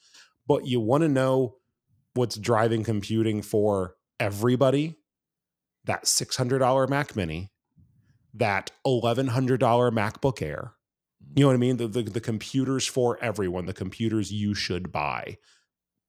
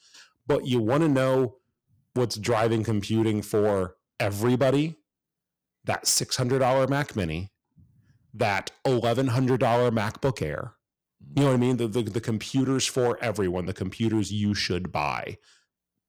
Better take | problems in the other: first | distortion; slight; 5% of the sound clipped

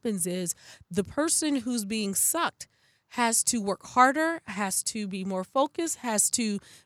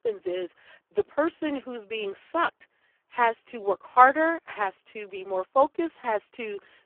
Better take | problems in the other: first | phone-call audio; poor line

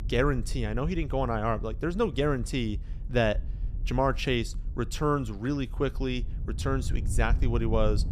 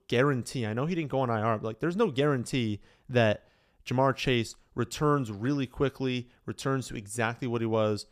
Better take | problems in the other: second | low rumble; faint; throughout; 20 dB below the speech

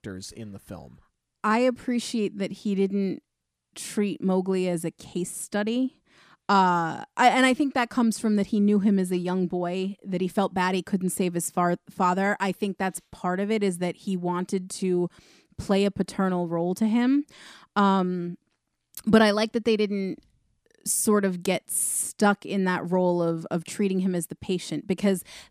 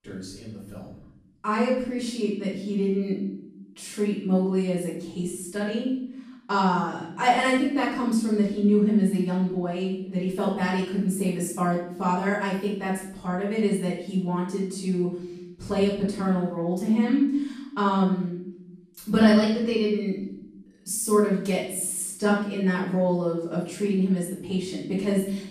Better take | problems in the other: first | off-mic speech; far // room echo; noticeable; dies away in 0.7 s

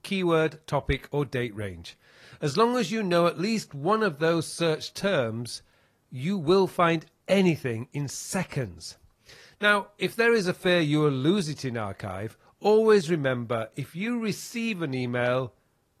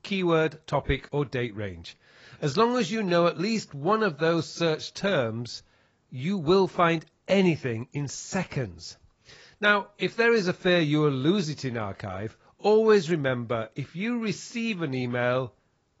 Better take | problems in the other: first | garbled, watery; badly; nothing above 7.5 kHz; slightly in the first

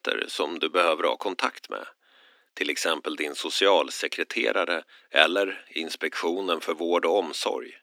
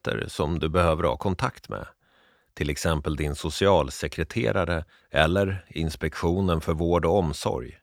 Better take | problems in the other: second | thin; somewhat; fading below 250 Hz

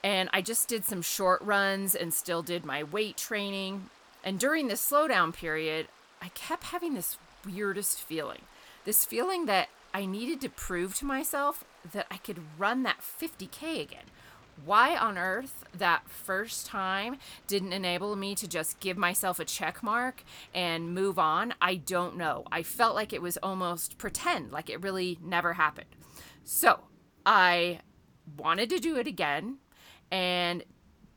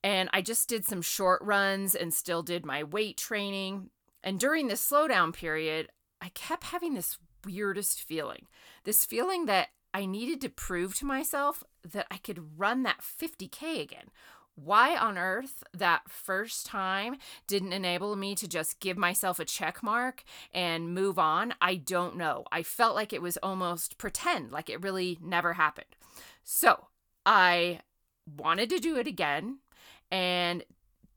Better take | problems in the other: second | rain or running water; faint; throughout; 30 dB below the speech

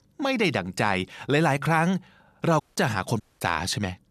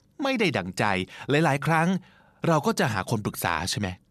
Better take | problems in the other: second | audio cutting out; at 2.5 s and at 3 s

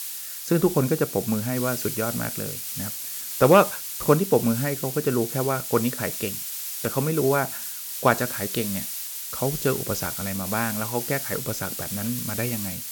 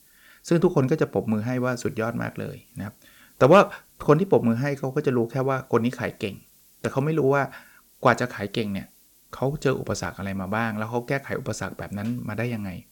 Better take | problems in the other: second | hiss; loud; throughout; 5 dB below the speech; faint in the second

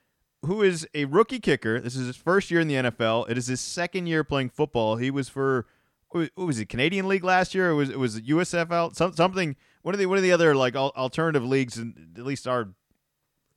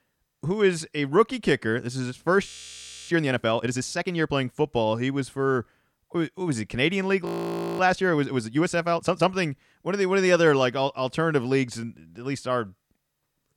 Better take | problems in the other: first | audio freezing; at 2.5 s for 0.5 s and at 7.5 s for 0.5 s

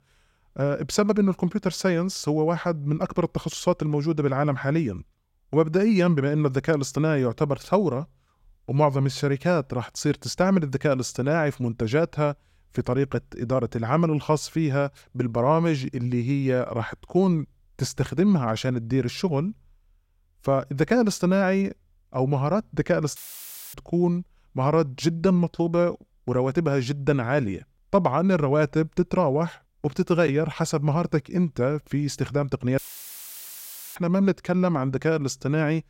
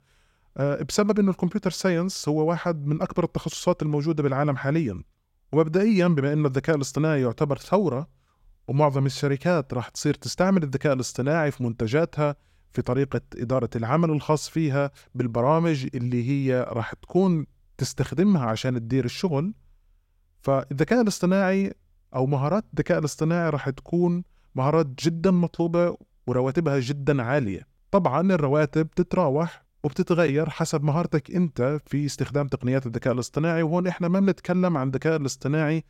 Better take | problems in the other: second | audio cutting out; filled with static; at 23 s for 0.5 s and at 33 s for 1 s

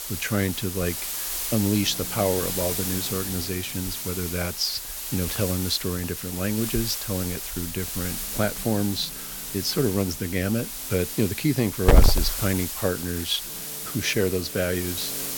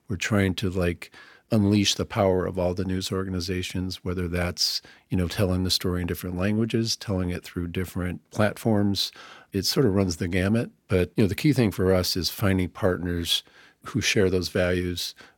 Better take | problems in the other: second | hiss; loud; throughout; 2 dB below the speech

